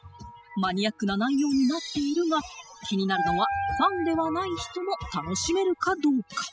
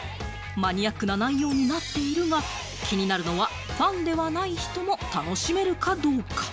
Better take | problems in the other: second | noise reduction (classical method spectral subtraction)

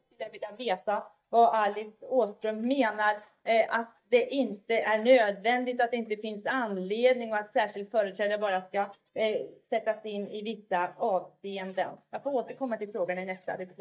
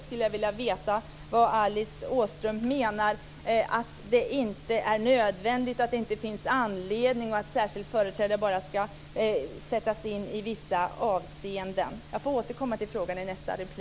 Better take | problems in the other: second | noise reduction (neural mask model DeepFilterNet 3)

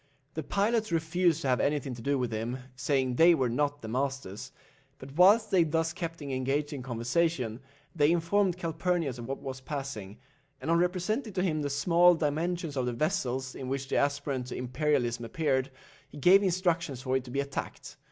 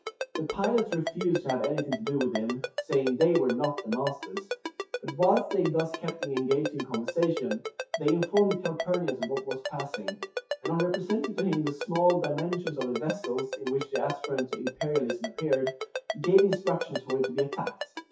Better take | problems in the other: first | noise reduction (classical method WPE with log-MMSE)

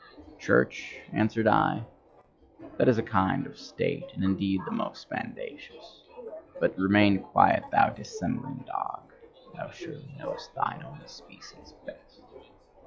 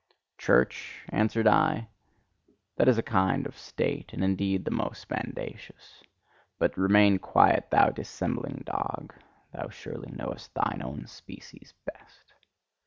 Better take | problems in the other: second | noise reduction (classical method log-MMSE)

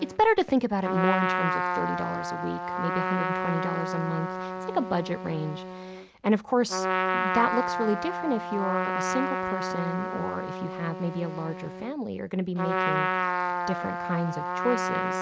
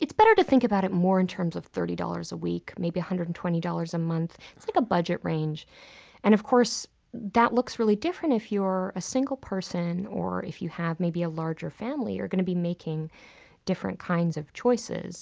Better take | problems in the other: second | background sound (Trumpet); 1 dB below the speech

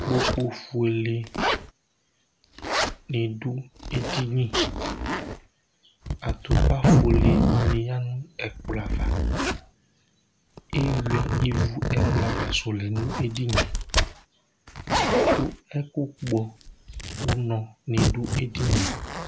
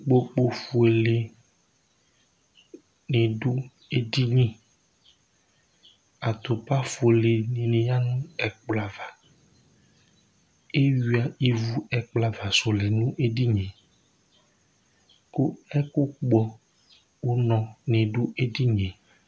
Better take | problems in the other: second | background sound (Zipper (clothing)); 3 dB above the speech

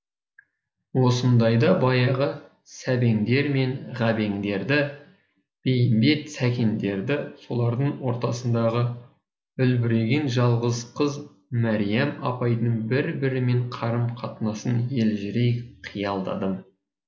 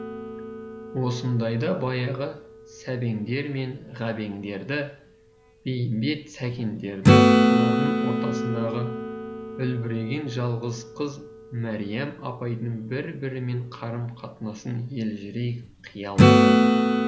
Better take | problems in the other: first | background sound (Acoustic guitar / Strum); 5 dB above the speech

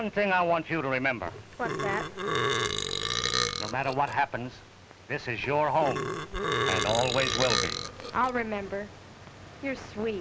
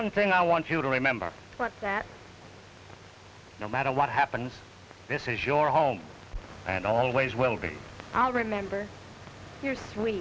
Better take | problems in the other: second | background sound (Burping, eructation); 1 dB below the speech

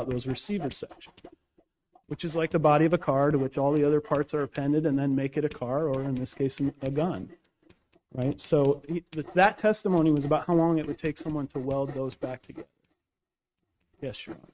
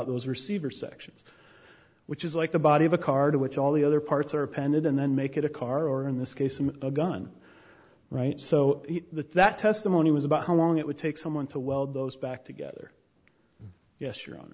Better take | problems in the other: second | noise reduction (neural mask model RNNoise)

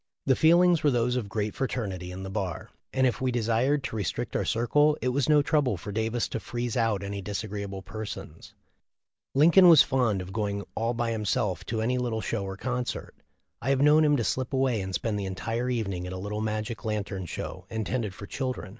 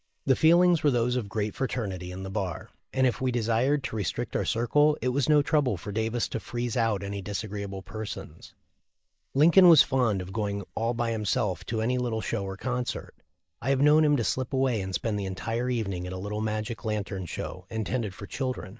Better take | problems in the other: first | noise reduction (neural mask model Resemble Enhance denoiser)

